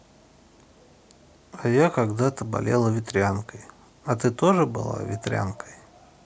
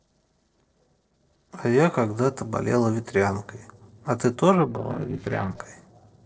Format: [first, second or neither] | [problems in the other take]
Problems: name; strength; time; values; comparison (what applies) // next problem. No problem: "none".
first | noise reduction (neural separator model SepFormer DNS4)